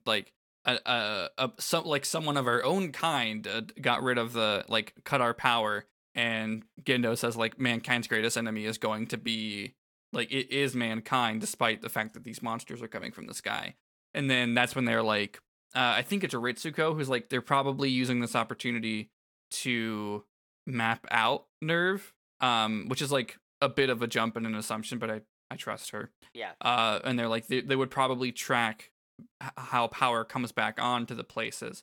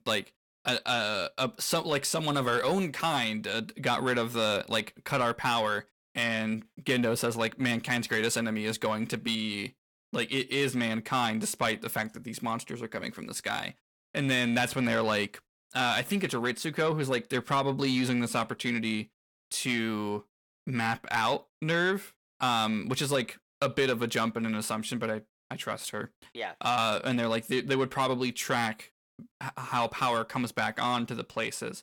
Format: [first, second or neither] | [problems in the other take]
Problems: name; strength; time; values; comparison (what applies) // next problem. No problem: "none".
first | distortion; slight; 10 dB below the speech